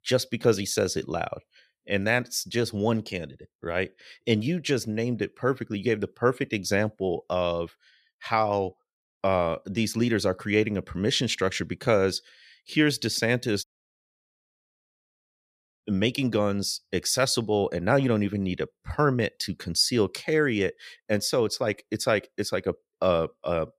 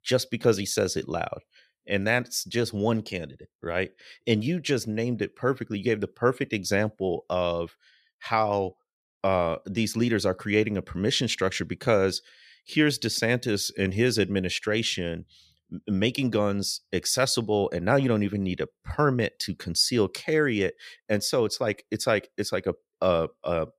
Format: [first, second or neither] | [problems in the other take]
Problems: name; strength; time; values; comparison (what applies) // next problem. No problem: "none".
second | audio cutting out; at 14 s for 2 s